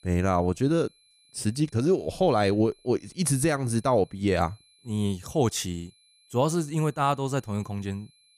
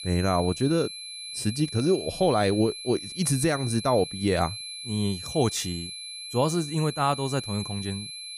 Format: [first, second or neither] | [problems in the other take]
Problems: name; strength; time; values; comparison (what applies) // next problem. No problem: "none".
first | high-pitched whine; loud; throughout; 4 kHz, 9 dB below the speech; faint in the first